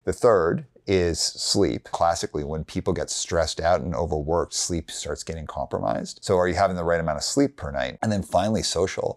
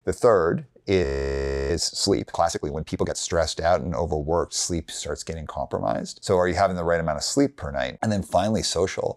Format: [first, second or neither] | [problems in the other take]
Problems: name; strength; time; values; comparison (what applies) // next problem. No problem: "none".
first | audio freezing; at 1 s for 0.5 s